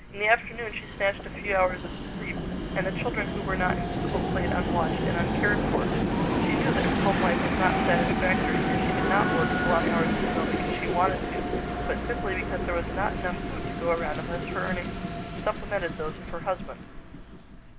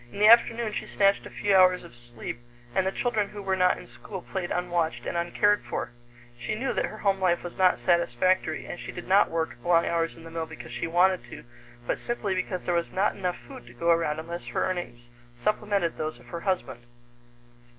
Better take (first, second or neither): second